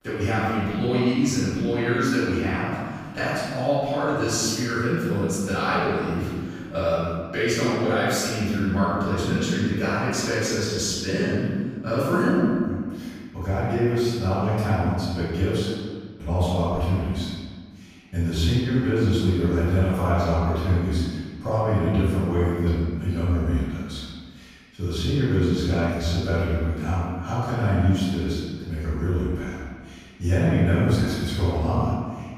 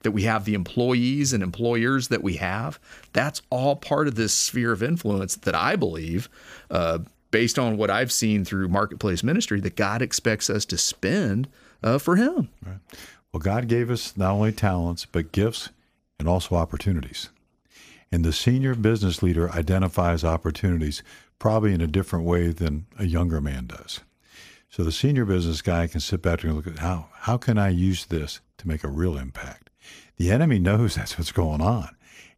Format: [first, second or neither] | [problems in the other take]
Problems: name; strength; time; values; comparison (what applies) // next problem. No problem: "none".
second | off-mic speech; far // room echo; strong; dies away in 1.5 s